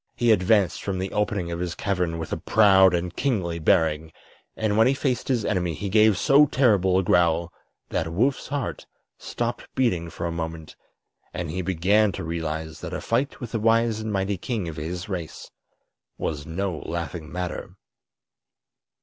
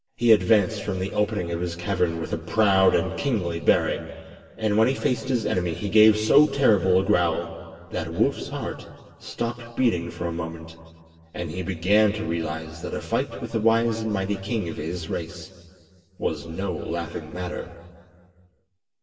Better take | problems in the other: first | room echo; dies away in 2 s

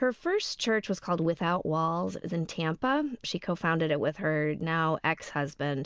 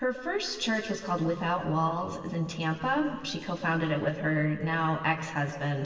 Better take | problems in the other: first | room echo; dies away in 2.6 s

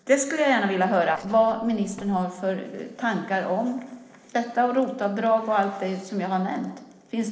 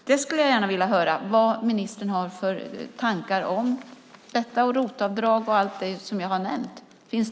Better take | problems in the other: second | noise reduction (neural separator model SepFormer DNS4)

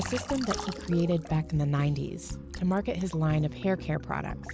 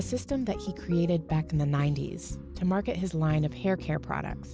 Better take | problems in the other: second | background sound (Liquid); 15 dB below the speech

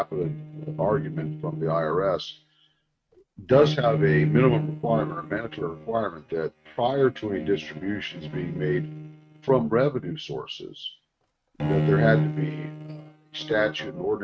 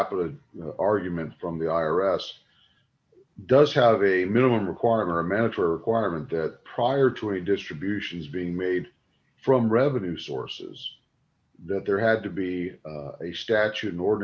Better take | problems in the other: second | noise reduction (neural mask model RNNoise)

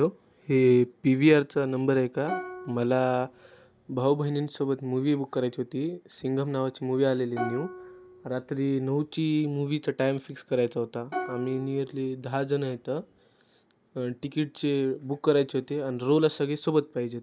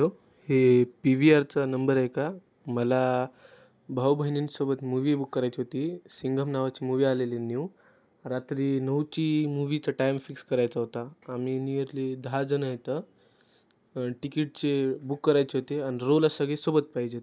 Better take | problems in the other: second | background sound (Plucked string instrument); 13 dB below the speech

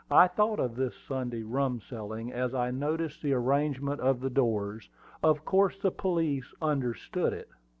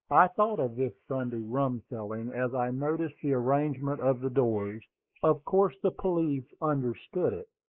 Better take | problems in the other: first | noise reduction (neural mask model Resemble Enhance denoiser)

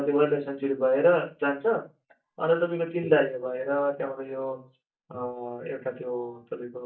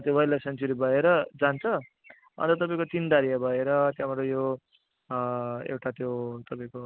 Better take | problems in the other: second | noise reduction (neural mask model DeepFilterNet 3)

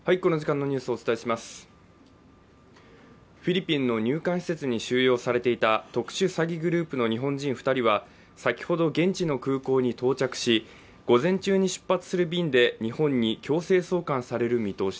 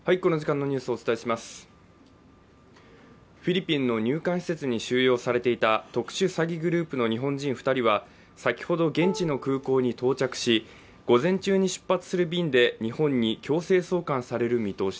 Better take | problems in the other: first | background sound (Plucked string instrument); 15 dB below the speech

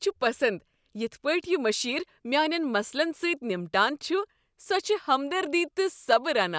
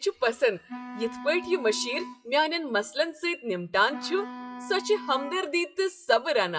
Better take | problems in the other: first | noise reduction (classical method WPE with log-MMSE)

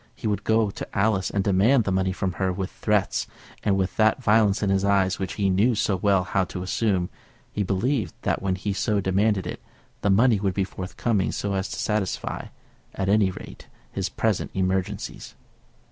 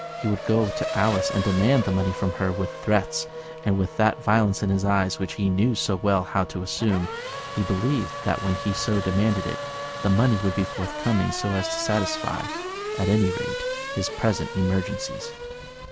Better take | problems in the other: first | background sound (Race car, auto racing / Accelerating, revving, vroom); 8 dB below the speech

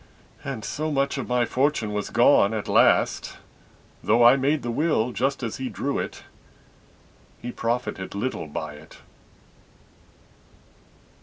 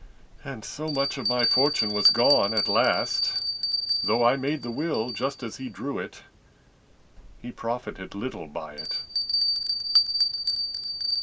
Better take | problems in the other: first | background sound (Bell); 1 dB above the speech

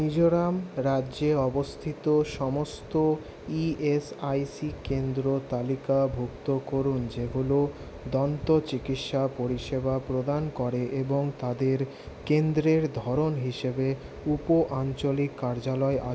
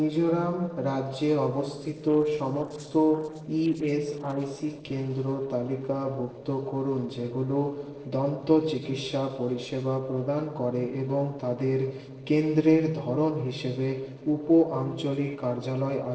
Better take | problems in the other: first | noise reduction (neural separator model SepFormer DNS4)

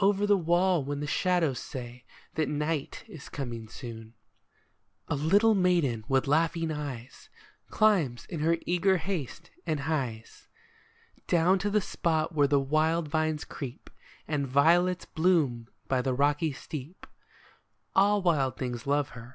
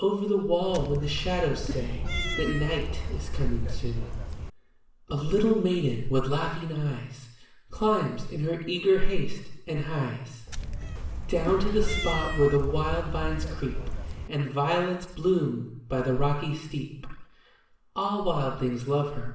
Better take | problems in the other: first | background sound (Cat); 3 dB below the speech // room echo; dies away in 0.7 s

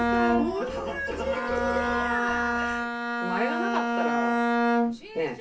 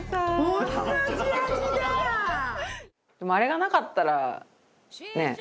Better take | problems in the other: second | background sound (Bowed string instrument); 5 dB above the speech // room echo; dies away in 0.2 s

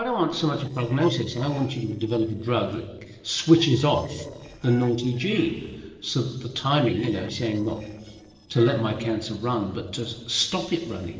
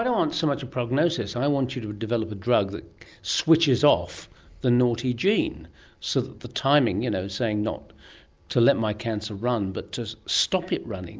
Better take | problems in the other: second | noise reduction (neural separator model SepFormer DNS4)

